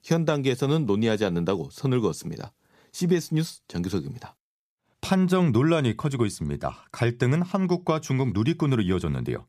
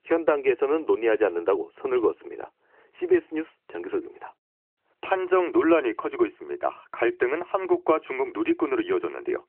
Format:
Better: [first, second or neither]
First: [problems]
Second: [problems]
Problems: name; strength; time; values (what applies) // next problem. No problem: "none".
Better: first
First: none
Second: phone-call audio